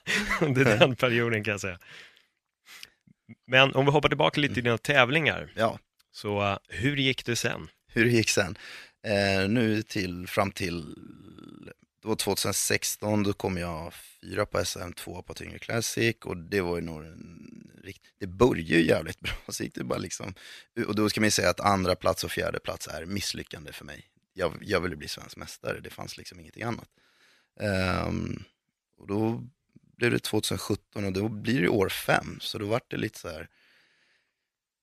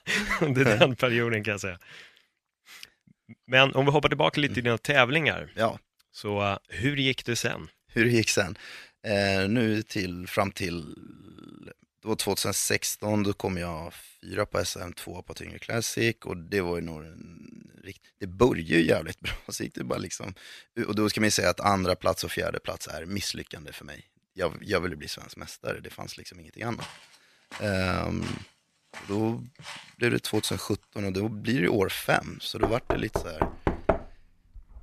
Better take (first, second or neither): first